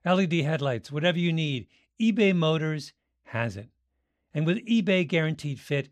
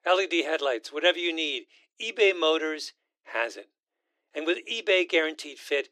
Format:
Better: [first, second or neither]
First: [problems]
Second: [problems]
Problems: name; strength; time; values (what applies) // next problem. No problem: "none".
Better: first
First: none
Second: thin; very; fading below 300 Hz